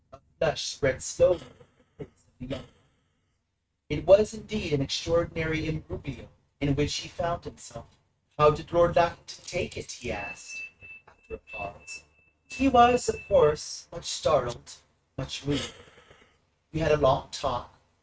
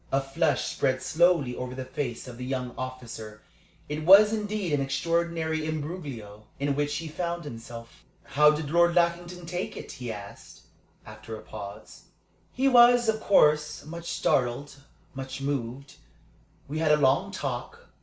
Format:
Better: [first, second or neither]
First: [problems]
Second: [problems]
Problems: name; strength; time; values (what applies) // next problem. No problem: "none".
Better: second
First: noise reduction (neural mask model RNNoise)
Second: none